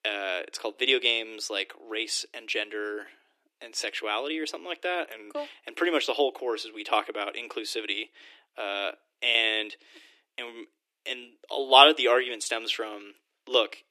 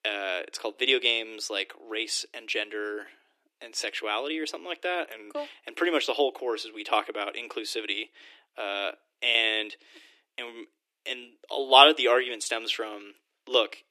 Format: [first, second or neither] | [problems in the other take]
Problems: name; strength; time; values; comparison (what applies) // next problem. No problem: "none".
neither | thin; very; fading below 300 Hz; the same in both